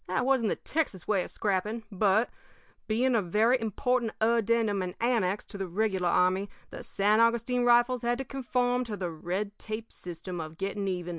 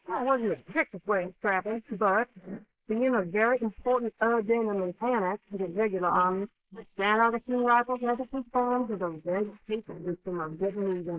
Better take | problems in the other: first | noise reduction (neural mask model Resemble Enhance denoiser)

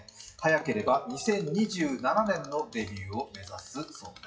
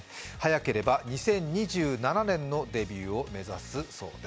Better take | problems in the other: second | noise reduction (classical method WPE with log-MMSE)

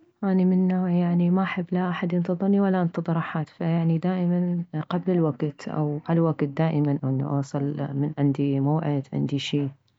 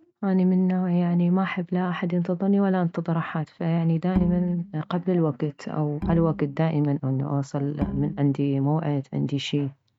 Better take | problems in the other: first | noise reduction (neural mask model RNNoise)

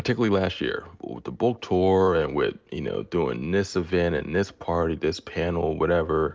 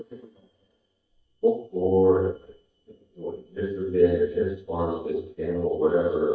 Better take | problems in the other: first | noise reduction (neural mask model DeepFilterNet 3)

